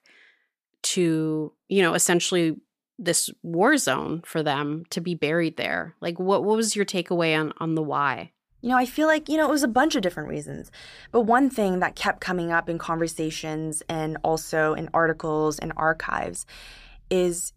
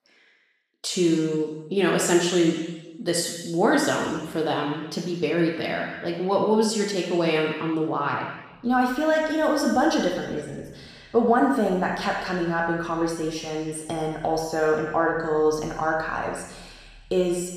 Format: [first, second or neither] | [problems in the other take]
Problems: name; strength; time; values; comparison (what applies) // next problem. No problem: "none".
first | room echo; noticeable; dies away in 1.1 s // off-mic speech; somewhat distant